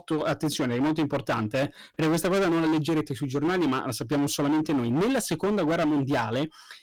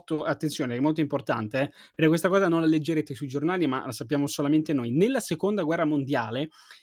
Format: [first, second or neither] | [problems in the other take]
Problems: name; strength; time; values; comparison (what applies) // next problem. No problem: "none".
second | distortion; heavy; 24% of the sound clipped